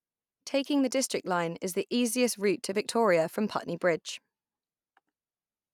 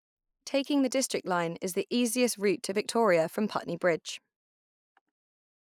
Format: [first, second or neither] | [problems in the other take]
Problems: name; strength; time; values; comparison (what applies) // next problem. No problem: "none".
first | noise reduction (neural mask model Resemble Enhance denoiser)